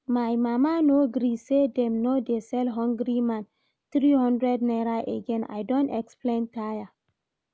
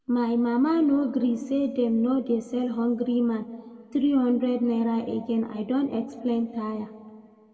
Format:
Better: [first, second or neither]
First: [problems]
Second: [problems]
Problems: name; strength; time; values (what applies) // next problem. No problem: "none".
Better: first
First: none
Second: room echo; dies away in 1.3 s